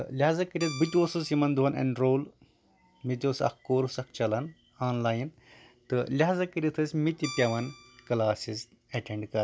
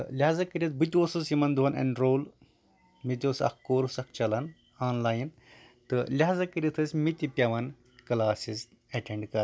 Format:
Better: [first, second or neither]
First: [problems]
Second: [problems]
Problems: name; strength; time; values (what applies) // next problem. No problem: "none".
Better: second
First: background sound (Guitar); 14 dB below the speech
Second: none